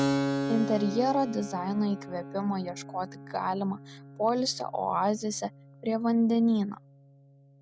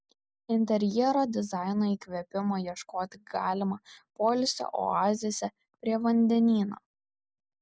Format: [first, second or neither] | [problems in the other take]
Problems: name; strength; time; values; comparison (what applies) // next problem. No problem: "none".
second | background sound (Keyboard (musical)); 7 dB below the speech